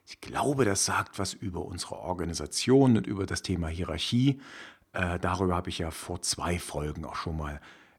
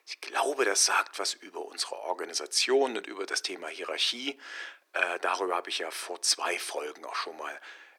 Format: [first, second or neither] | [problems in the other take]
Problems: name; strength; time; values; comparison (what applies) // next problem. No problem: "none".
first | thin; very; fading below 400 Hz